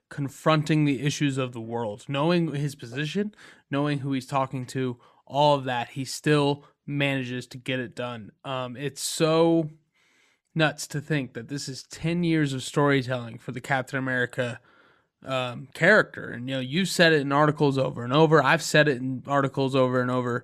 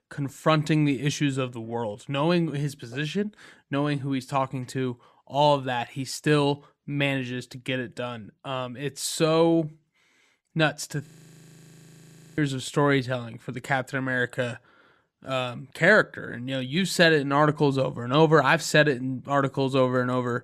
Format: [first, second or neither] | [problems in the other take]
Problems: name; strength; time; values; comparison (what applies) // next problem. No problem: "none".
first | audio freezing; at 11 s for 1.5 s